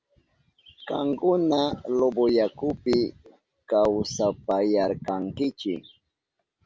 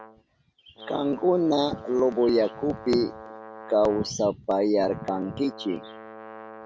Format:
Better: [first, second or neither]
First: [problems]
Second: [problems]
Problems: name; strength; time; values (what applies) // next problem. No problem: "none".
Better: first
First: none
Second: background sound (Brass instrument); 17 dB below the speech